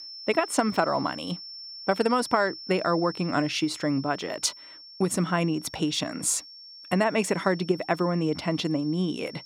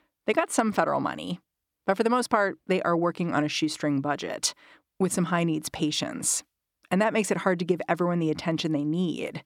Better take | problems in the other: second | high-pitched whine; noticeable; throughout; 5.5 kHz, 15 dB below the speech

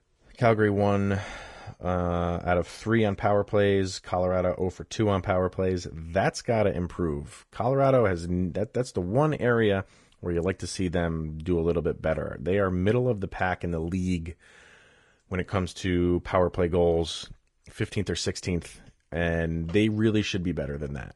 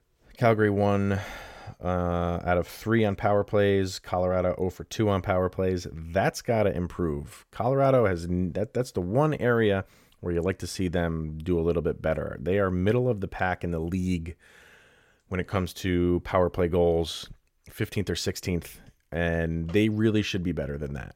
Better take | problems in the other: second | garbled, watery; slightly; nothing above 10.5 kHz

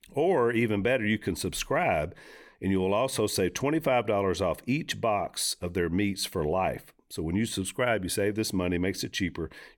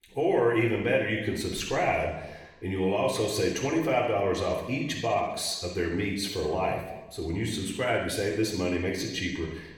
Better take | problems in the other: first | room echo; noticeable; dies away in 0.9 s // off-mic speech; somewhat distant

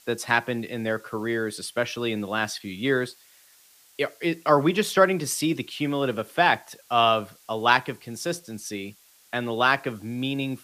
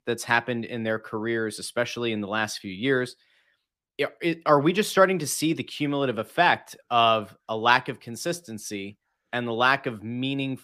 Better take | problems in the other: second | hiss; faint; throughout; 30 dB below the speech

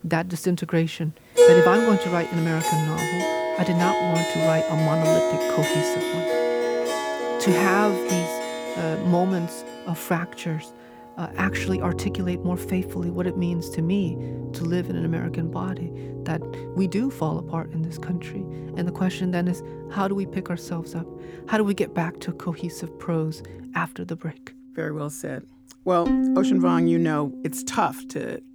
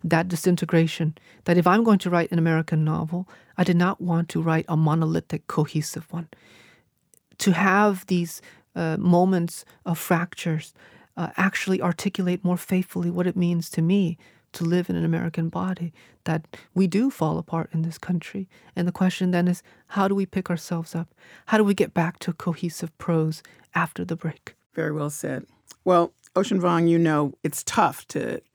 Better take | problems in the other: second | background music; very loud; throughout; 1 dB above the speech

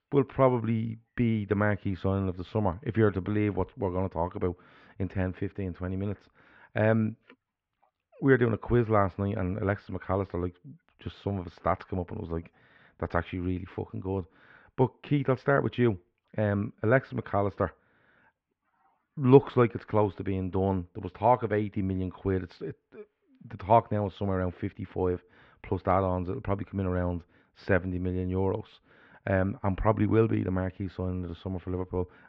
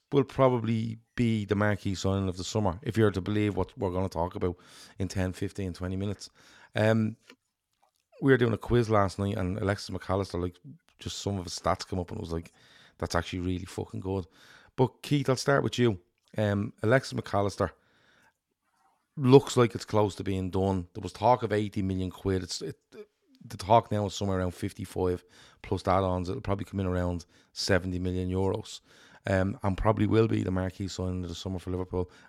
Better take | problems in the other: second | muffled; very; fading above 2.5 kHz

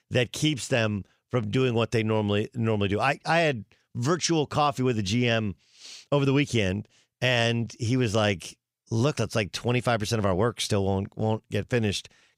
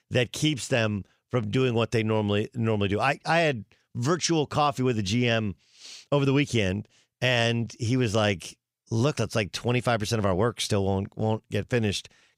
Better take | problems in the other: neither | none

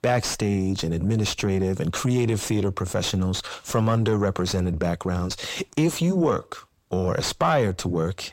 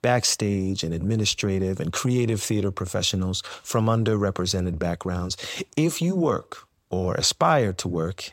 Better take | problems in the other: second | distortion; slight; 10 dB below the speech

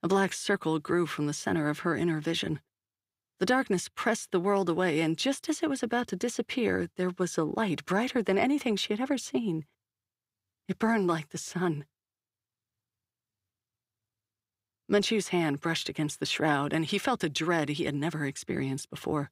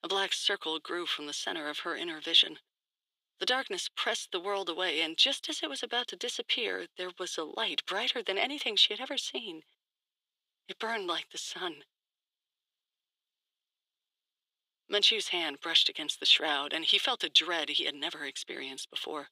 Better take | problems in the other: first | thin; somewhat; fading below 400 Hz

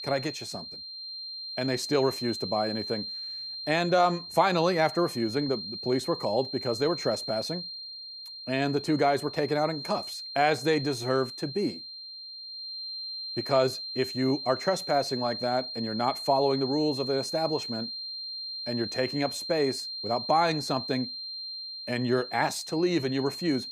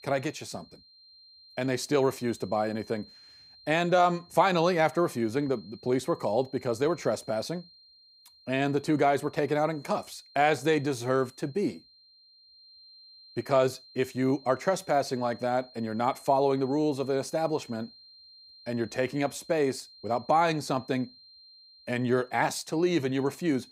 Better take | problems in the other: second | high-pitched whine; loud; throughout; 4 kHz, 7 dB below the speech; faint in the second

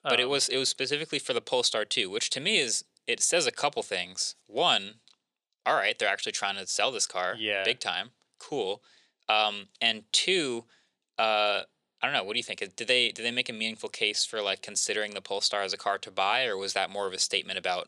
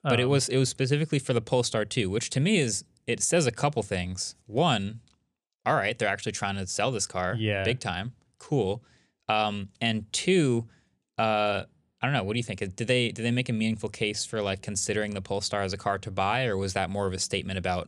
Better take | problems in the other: second | thin; somewhat; fading below 450 Hz

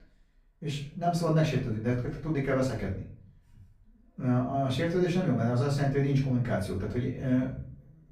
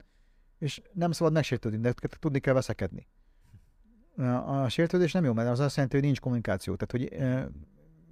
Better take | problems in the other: second | room echo; slight; dies away in 0.4 s // off-mic speech; far

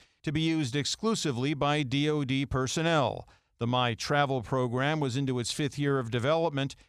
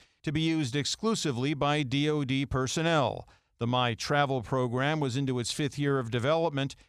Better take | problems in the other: neither | none

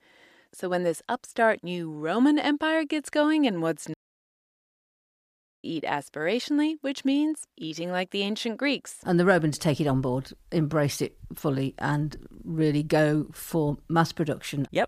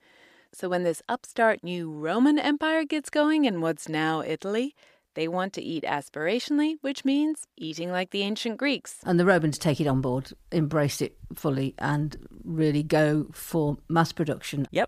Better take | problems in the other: second | audio cutting out; at 4 s for 1.5 s

